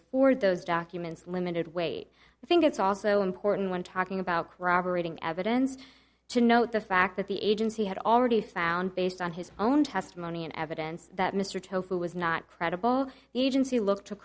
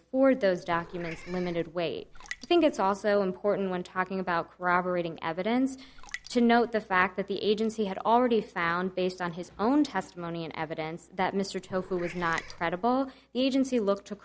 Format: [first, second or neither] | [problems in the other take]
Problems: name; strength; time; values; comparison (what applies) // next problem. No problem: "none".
first | background sound (Raindrop + Meow / Purr); 16 dB below the speech